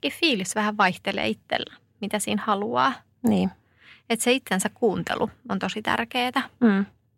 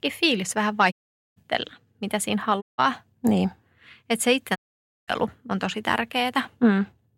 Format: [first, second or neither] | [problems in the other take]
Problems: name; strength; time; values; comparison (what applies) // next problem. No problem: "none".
first | audio cutting out; at 1 s, at 2.5 s and at 4.5 s for 0.5 s